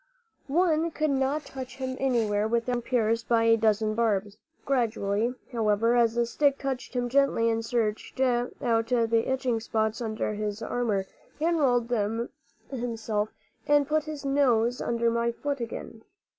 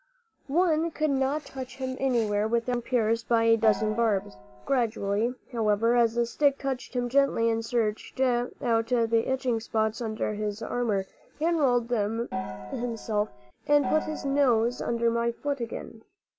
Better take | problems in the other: first | background sound (Gong); 10 dB below the speech

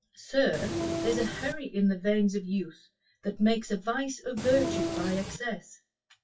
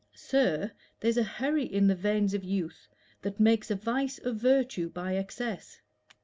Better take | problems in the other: second | noise reduction (classical method WPE with log-MMSE)

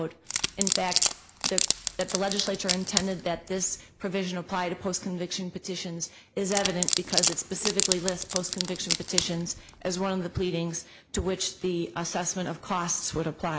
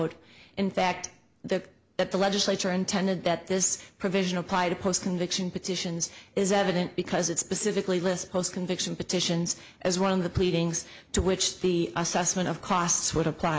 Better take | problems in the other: second | background sound (Wood); 1 dB above the speech

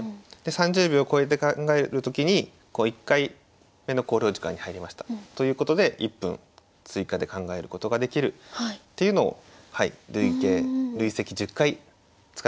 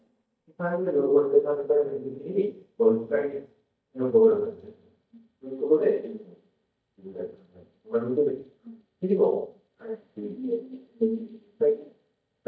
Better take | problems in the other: first | noise reduction (neural mask model DeepFilterNet 3)

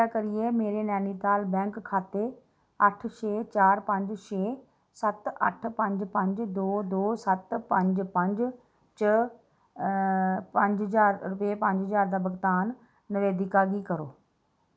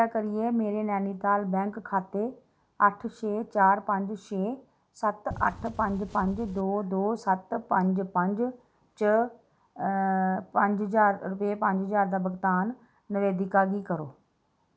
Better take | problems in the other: first | background sound (Wind); 14 dB below the speech

